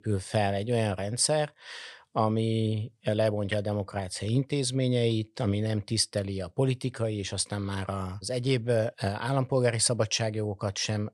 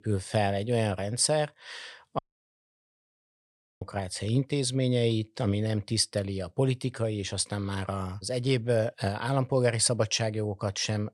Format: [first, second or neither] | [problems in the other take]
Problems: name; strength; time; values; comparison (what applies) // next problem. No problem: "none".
first | audio cutting out; at 2 s for 1.5 s